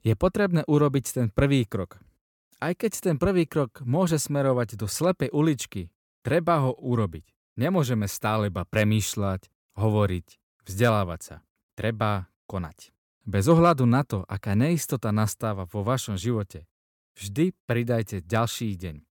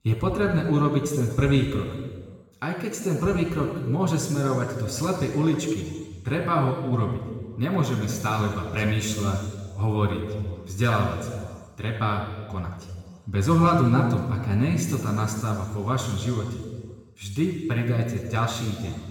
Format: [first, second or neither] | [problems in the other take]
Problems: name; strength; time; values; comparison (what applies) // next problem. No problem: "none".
first | room echo; noticeable; dies away in 1.5 s // off-mic speech; far